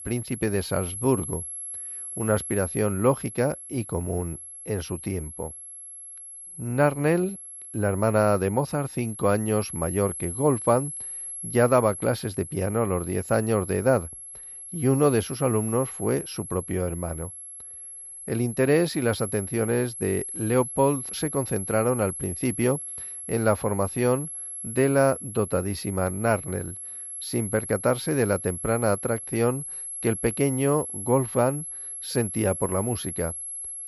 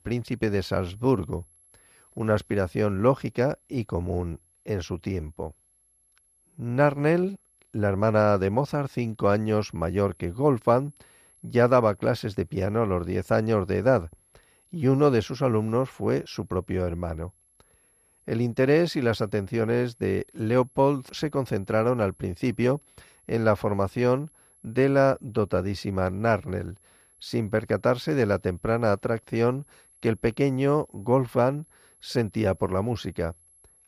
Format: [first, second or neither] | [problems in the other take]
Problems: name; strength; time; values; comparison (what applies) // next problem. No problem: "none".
second | high-pitched whine; loud; throughout; 11 kHz, 8 dB below the speech; faint in the second